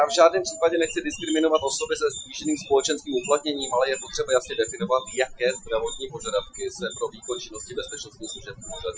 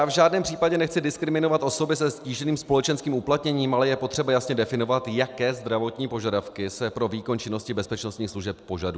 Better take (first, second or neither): second